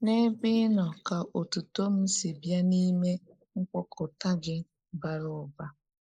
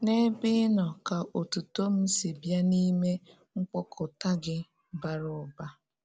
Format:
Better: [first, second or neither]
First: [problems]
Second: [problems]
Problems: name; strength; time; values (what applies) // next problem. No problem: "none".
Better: second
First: noise reduction (neural mask model Resemble Enhance denoiser)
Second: none